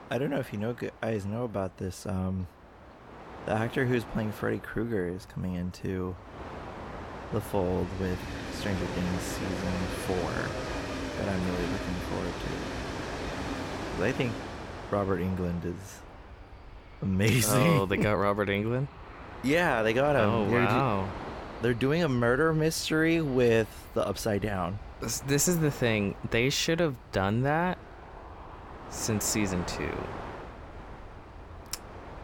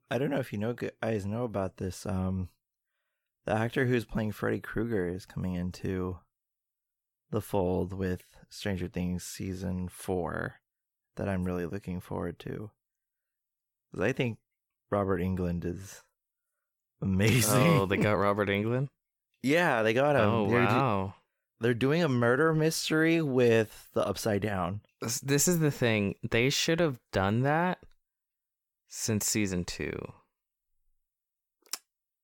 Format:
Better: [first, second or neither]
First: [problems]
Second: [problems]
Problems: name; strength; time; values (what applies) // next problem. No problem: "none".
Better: second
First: train or aircraft noise; noticeable; throughout; 10 dB below the speech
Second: none